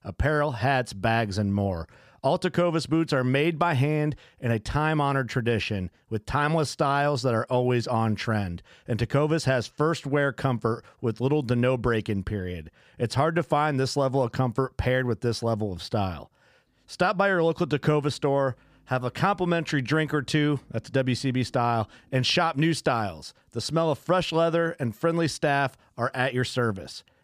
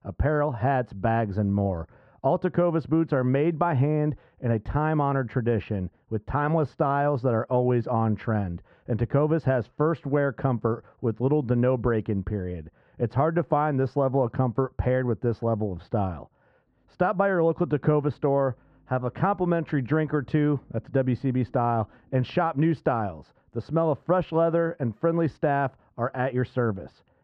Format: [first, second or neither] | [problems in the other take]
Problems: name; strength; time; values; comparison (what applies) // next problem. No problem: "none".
first | muffled; very; fading above 3.5 kHz